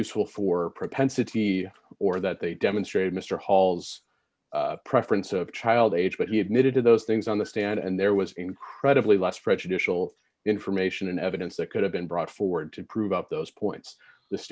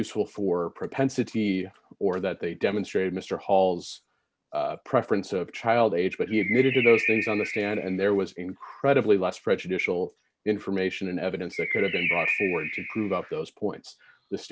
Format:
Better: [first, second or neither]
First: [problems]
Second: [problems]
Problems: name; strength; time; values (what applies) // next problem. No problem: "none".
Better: first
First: none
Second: background sound (Bird); 4 dB below the speech